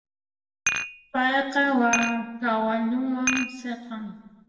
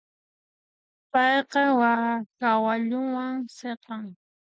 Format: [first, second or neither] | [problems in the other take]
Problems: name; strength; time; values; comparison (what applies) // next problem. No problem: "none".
second | background sound (Dishes, pots, and pans); 6 dB below the speech // room echo; dies away in 1 s